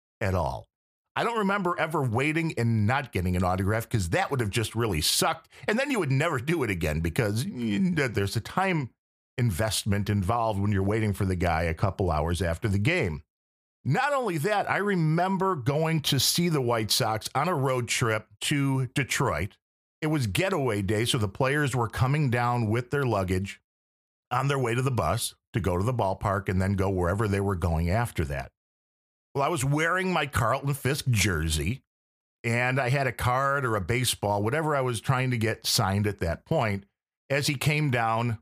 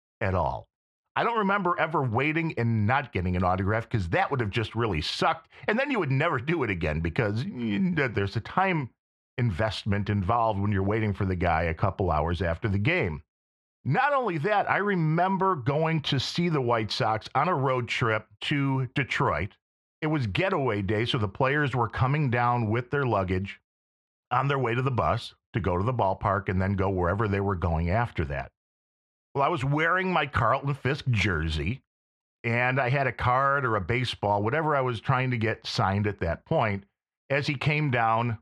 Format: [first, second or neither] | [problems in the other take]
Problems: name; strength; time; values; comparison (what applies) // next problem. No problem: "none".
first | muffled; slightly; fading above 3 kHz